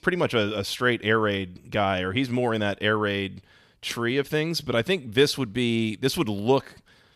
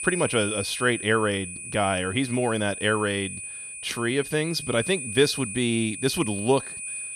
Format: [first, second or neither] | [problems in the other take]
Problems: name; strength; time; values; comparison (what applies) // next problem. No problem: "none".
first | high-pitched whine; loud; throughout; 9.5 kHz, 8 dB below the speech